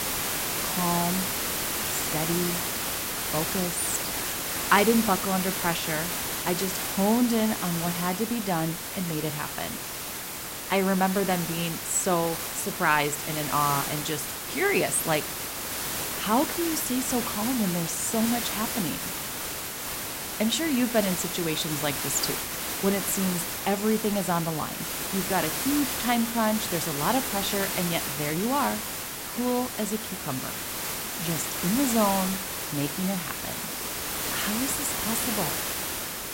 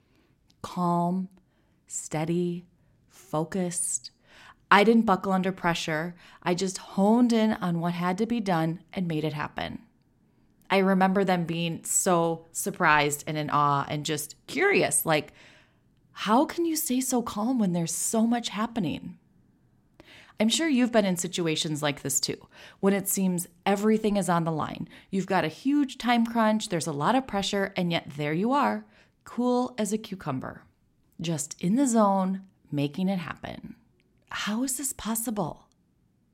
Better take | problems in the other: second | hiss; loud; throughout; 1 dB below the speech

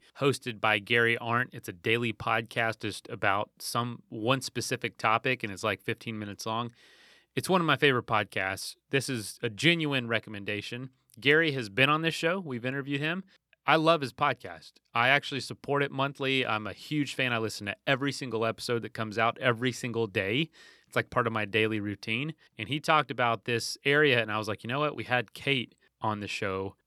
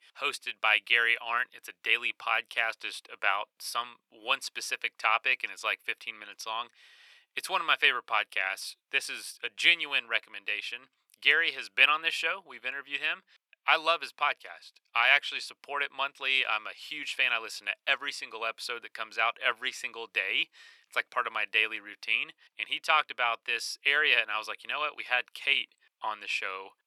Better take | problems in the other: first | thin; very; fading below 900 Hz

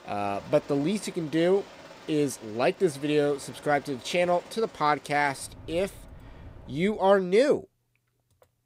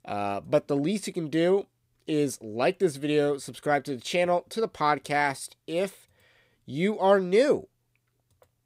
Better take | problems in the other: second | train or aircraft noise; faint; until 7 s; 20 dB below the speech

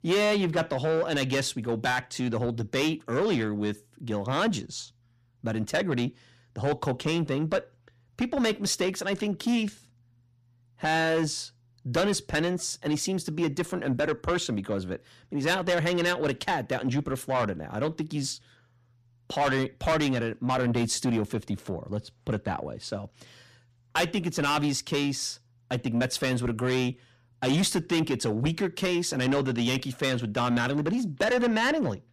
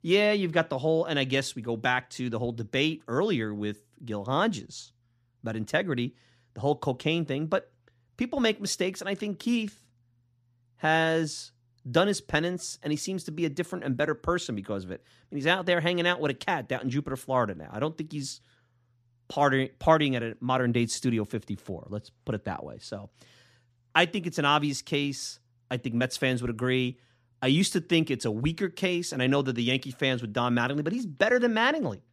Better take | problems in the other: second | distortion; heavy; 7 dB below the speech

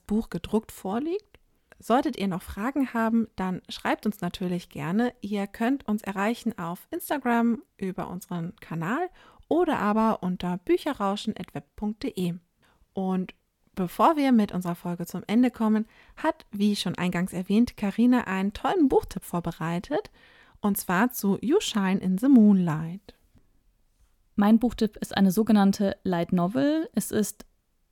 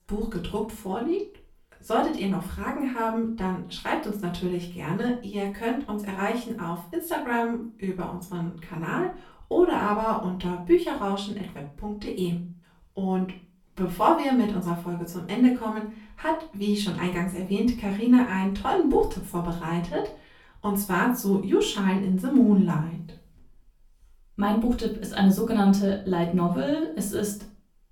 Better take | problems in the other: first | off-mic speech; far // room echo; slight; dies away in 0.3 s

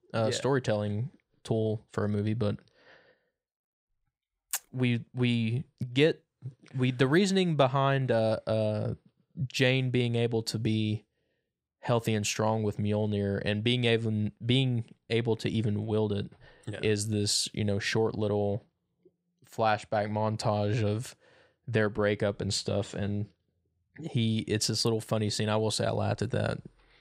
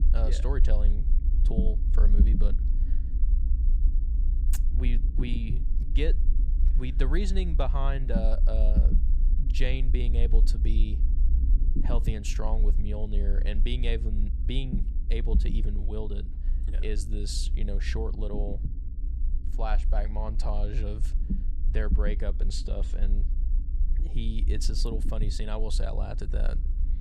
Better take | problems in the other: first | low rumble; loud; throughout; 10 dB below the speech

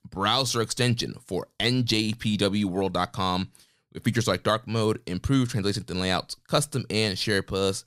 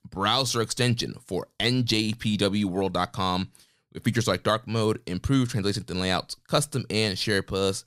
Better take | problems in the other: neither | none

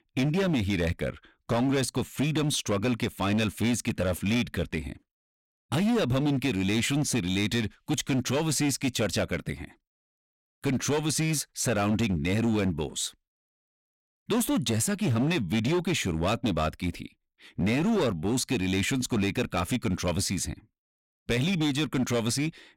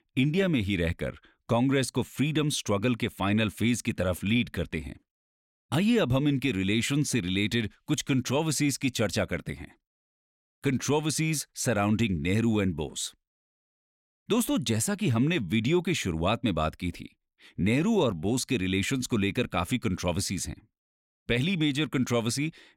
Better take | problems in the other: second | distortion; slight; 13% of the sound clipped

